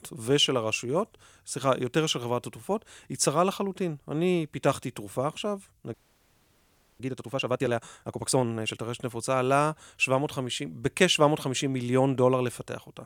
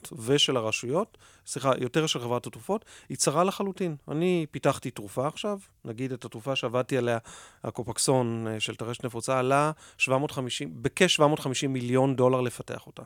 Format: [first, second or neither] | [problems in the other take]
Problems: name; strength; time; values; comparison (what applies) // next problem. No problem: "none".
second | audio freezing; at 6 s for 1 s